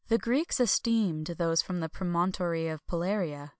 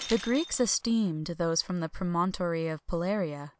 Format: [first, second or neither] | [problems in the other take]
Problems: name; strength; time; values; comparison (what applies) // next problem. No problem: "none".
first | background sound (Shatter); 18 dB below the speech